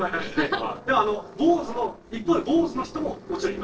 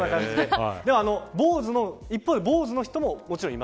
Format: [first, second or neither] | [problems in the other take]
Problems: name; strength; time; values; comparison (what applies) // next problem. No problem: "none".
second | noise reduction (neural separator model SepFormer DNS4)